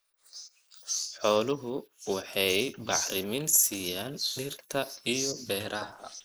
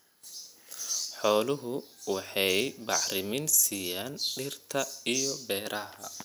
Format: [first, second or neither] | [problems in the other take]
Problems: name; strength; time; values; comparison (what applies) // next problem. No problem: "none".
second | noise reduction (neural mask model Resemble Enhance denoiser)